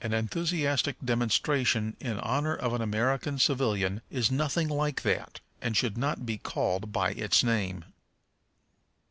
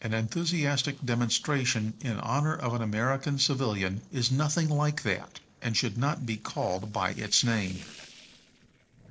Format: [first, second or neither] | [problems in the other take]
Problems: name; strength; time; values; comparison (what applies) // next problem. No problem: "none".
first | noise reduction (neural separator model SepFormer DNS4)